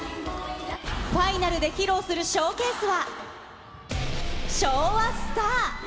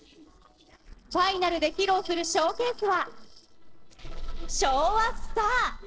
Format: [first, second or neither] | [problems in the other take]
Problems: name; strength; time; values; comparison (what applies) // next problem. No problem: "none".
first | noise reduction (neural separator model SepFormer DNS4)